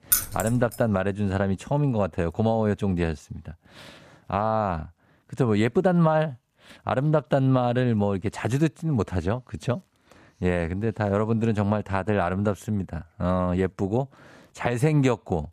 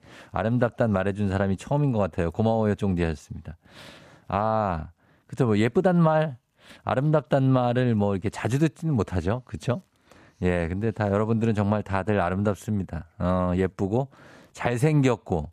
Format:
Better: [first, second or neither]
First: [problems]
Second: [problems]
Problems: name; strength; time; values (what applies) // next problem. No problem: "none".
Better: second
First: jangling keys; loud; at the start; peak 3 dB above the speech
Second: none